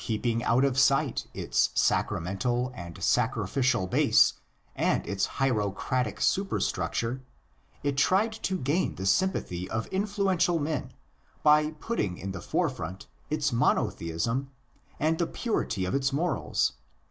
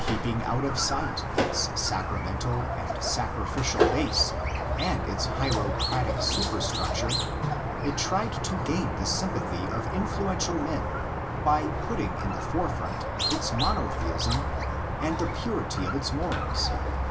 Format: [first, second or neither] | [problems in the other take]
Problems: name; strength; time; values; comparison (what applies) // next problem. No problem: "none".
first | background sound (Squeak); 2 dB above the speech // room echo; dies away in 0.2 s